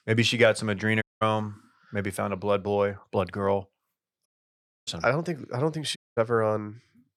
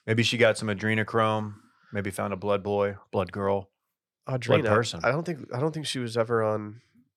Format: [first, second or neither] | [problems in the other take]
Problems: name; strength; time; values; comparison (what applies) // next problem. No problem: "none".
second | audio cutting out; at 1 s, at 4.5 s for 0.5 s and at 6 s